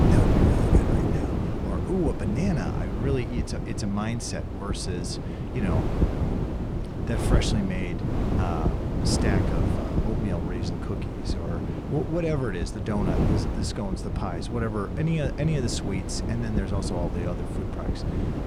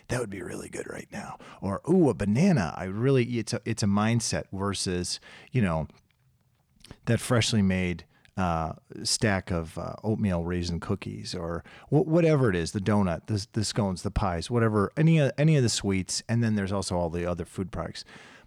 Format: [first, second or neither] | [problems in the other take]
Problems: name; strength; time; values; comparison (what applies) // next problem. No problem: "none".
second | wind noise on the microphone; heavy; as loud as the speech